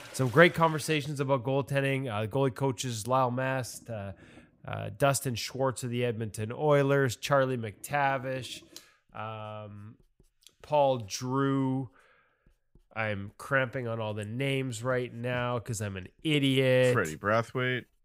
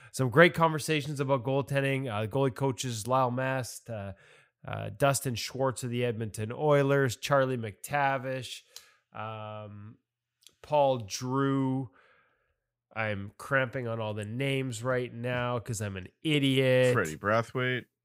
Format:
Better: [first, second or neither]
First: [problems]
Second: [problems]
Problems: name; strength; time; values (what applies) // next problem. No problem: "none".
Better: second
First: household noises; faint; throughout; 25 dB below the speech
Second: none